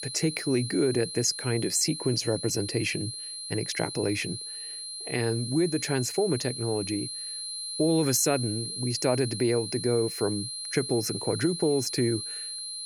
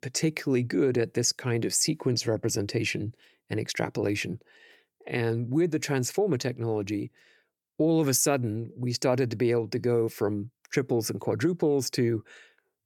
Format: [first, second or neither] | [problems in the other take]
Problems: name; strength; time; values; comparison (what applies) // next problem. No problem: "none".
second | high-pitched whine; loud; throughout; 4 kHz, 6 dB below the speech